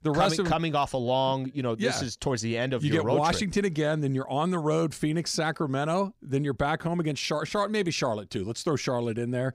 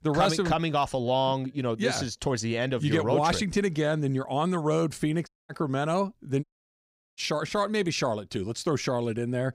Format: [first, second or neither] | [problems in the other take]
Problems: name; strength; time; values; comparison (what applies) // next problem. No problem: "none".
first | audio cutting out; at 5.5 s and at 6.5 s for 0.5 s